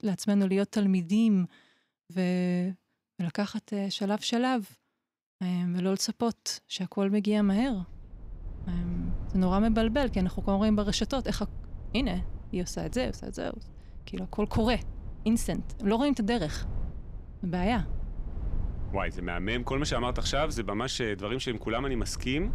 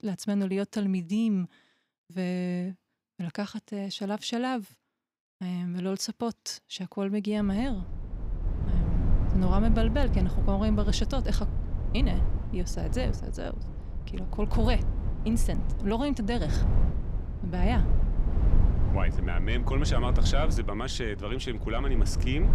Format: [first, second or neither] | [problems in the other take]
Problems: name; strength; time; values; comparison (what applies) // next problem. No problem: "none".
first | low rumble; loud; from 7.5 s on; 9 dB below the speech; faint in the first